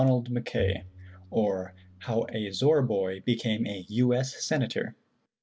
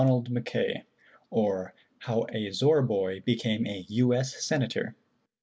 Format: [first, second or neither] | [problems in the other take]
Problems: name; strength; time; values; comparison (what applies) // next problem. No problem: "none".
second | background sound (Bowed string instrument); 12 dB below the speech